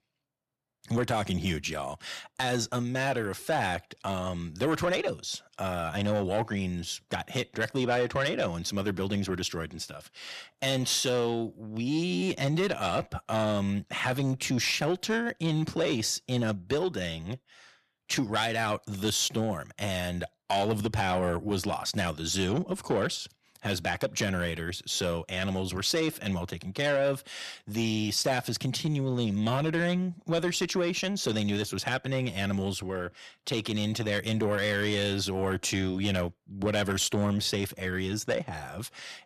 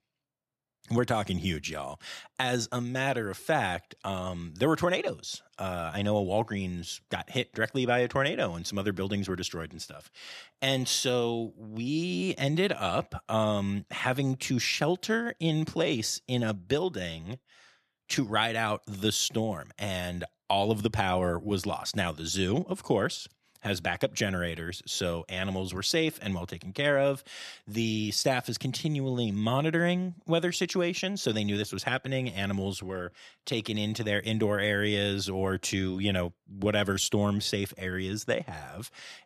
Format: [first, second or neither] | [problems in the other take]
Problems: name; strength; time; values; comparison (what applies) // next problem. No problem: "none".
second | distortion; slight; 10 dB below the speech